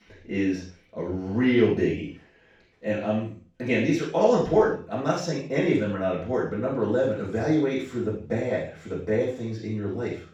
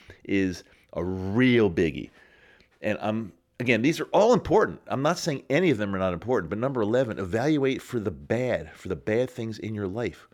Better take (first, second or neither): second